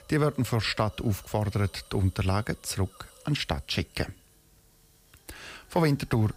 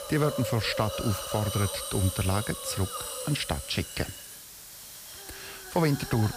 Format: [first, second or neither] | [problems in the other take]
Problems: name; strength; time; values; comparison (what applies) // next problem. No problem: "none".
first | hiss; loud; throughout; 6 dB below the speech; faint in the first